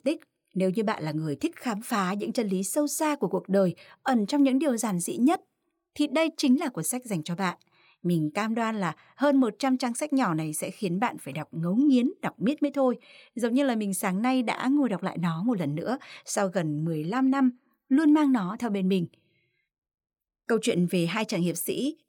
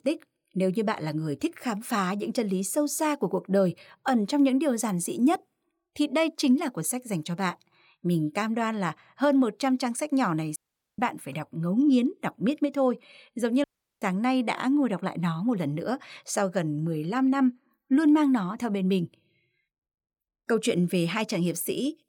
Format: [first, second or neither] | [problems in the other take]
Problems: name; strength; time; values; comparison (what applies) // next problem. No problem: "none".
first | audio cutting out; at 11 s and at 14 s